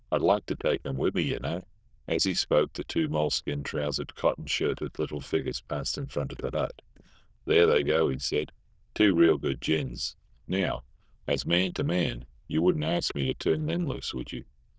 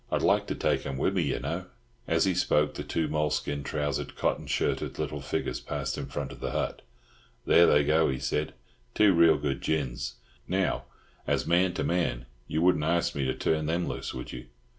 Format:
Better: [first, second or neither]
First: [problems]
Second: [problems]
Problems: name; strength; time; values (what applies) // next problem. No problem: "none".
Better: second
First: noise reduction (neural diffusion model UNIVERSE++)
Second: none